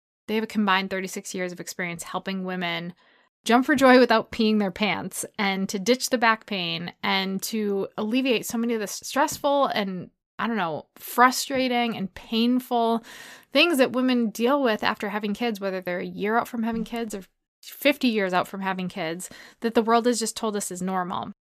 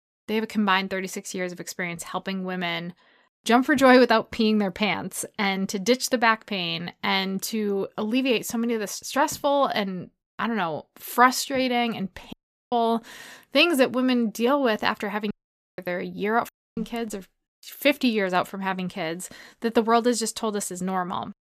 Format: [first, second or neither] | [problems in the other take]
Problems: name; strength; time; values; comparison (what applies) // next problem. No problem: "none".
first | audio cutting out; at 12 s, at 15 s and at 16 s